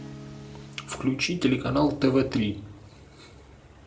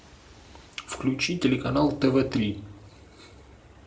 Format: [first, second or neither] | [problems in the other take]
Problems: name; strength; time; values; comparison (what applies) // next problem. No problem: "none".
second | background sound (Acoustic guitar / Strum); 19 dB below the speech